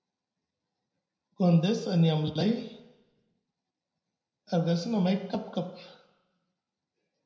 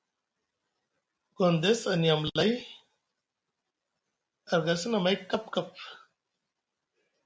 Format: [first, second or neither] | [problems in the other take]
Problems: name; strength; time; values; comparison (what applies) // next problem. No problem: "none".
second | room echo; dies away in 0.7 s